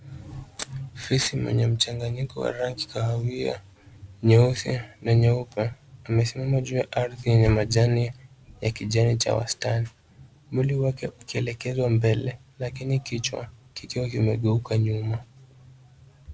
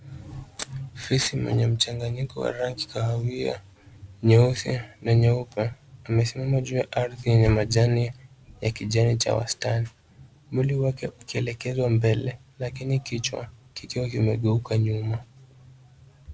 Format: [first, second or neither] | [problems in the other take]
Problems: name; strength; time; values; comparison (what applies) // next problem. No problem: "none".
first | background sound (Whoosh, swoosh, swish); 19 dB below the speech